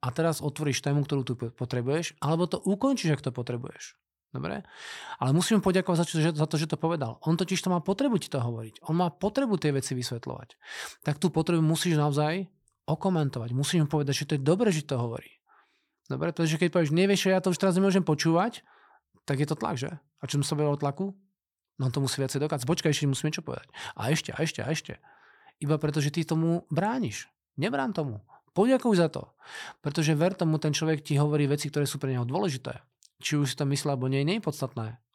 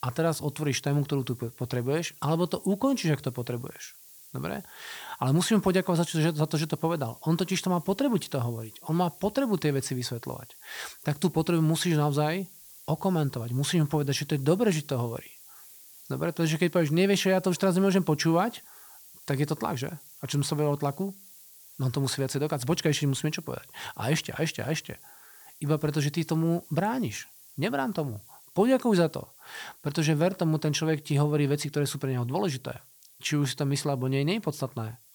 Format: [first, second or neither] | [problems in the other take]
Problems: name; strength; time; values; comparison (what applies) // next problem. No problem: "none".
first | hiss; faint; throughout; 20 dB below the speech